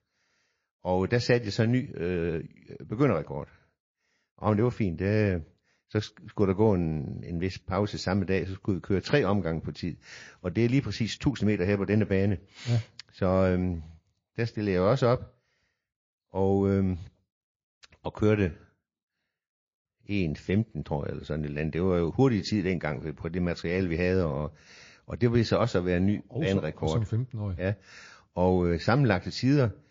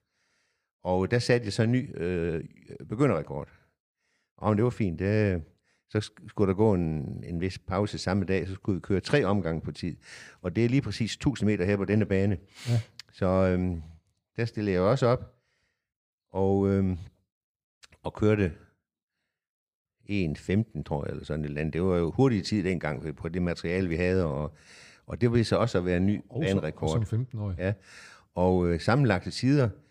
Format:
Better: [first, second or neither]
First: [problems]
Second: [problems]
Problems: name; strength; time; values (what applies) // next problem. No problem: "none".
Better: second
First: garbled, watery; slightly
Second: none